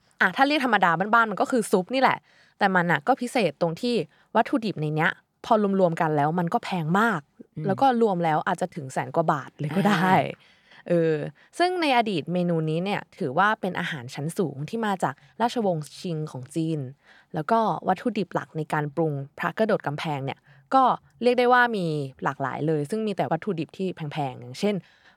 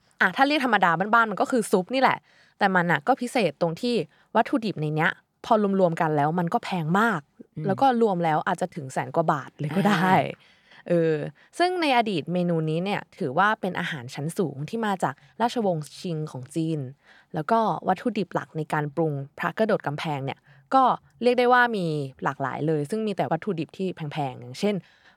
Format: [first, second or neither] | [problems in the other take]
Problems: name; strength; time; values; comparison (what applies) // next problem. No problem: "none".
neither | none